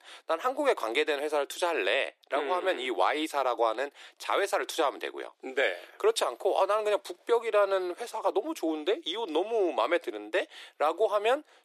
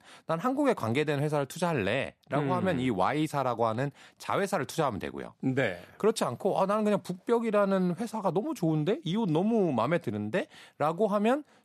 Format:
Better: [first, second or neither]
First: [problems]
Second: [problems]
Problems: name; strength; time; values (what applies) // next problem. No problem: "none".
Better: second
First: thin; very; fading below 350 Hz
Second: none